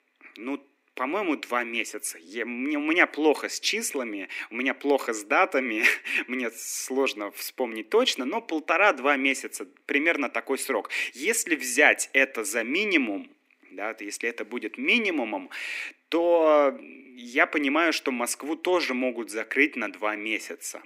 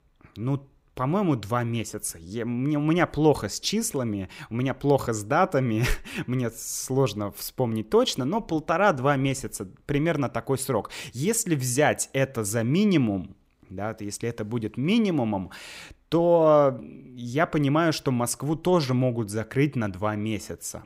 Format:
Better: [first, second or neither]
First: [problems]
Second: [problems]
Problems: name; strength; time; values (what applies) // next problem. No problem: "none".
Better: second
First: thin; very slightly; fading below 250 Hz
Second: none